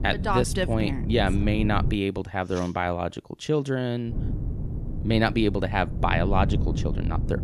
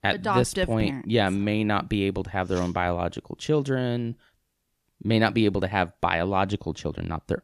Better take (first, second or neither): second